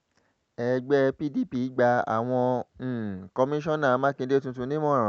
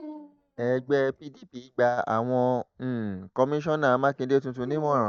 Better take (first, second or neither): first